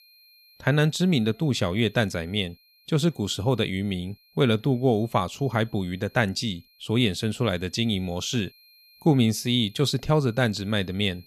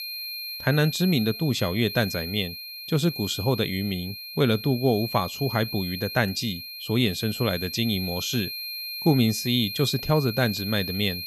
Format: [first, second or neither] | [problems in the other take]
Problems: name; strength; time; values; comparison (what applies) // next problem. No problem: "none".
first | high-pitched whine; loud; throughout; 4 kHz, 7 dB below the speech; faint in the first